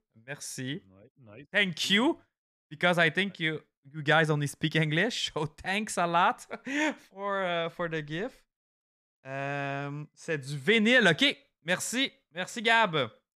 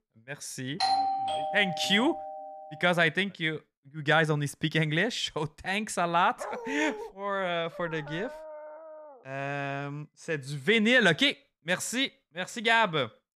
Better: first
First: none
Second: doorbell; loud; from 1 to 2.5 s; peak 1 dB above the speech // dog barking; noticeable; at 6.5 s; peak 9 dB below the speech // dog barking; faint; from 7.5 to 9 s; peak 15 dB below the speech

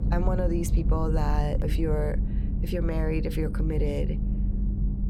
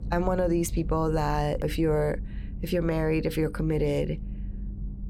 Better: second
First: low rumble; loud; throughout; 9 dB below the speech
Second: low rumble; faint; throughout; 20 dB below the speech

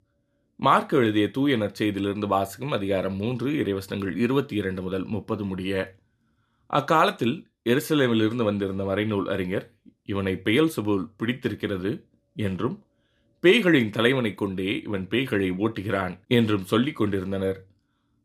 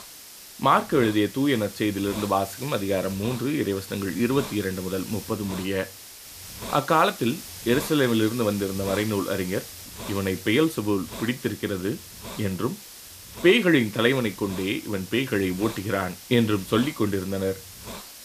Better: first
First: none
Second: hiss; noticeable; throughout; 15 dB below the speech

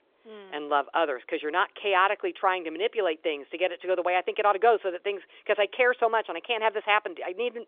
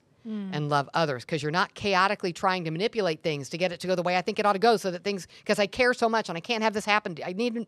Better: second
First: phone-call audio; nothing above 3 kHz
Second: none

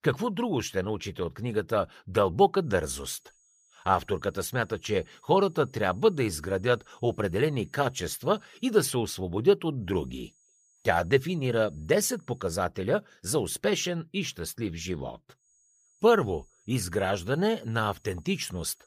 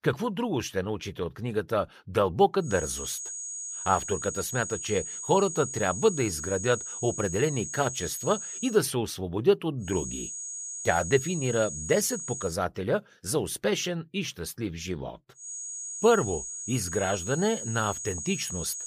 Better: first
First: high-pitched whine; faint; from 2.5 to 8.5 s, from 10 to 12 s and from 15 s on; 6.5 kHz, 35 dB below the speech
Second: high-pitched whine; loud; from 2.5 to 8.5 s, from 10 to 12 s and from 15 s on; 6.5 kHz, 6 dB below the speech

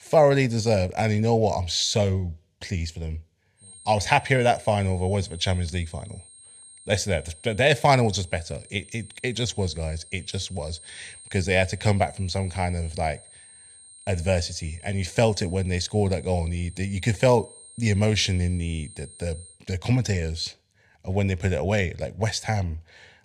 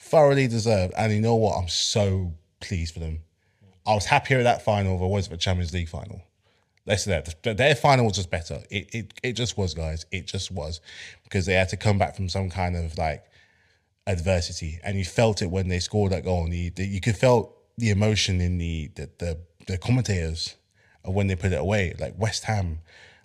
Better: second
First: high-pitched whine; faint; from 3.5 to 20 s; 8.5 kHz, 20 dB below the speech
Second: none

